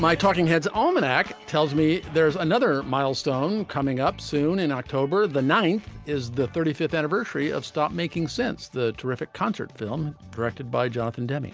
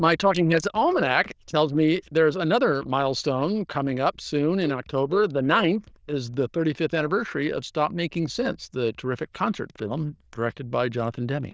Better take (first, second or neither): first